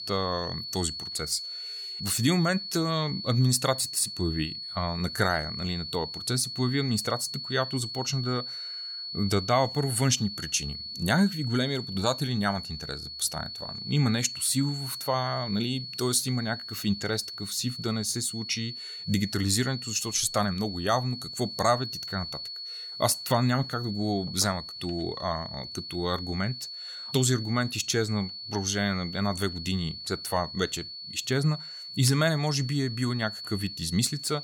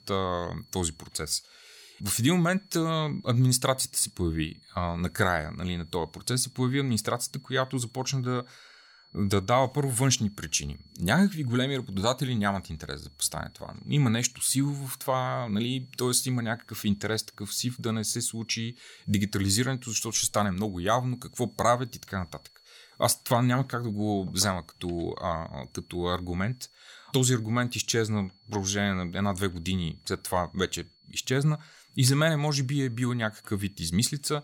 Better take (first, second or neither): second